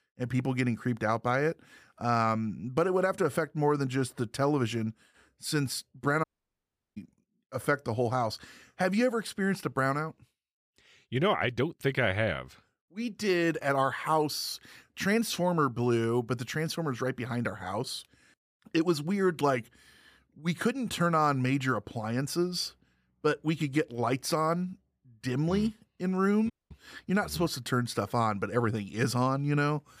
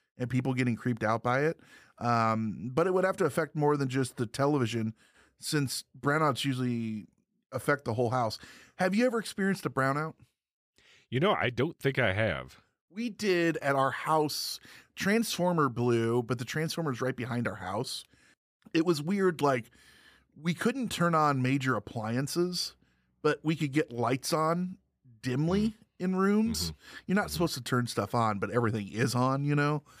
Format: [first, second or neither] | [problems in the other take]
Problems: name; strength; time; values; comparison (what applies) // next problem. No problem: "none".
second | audio cutting out; at 6 s for 0.5 s and at 27 s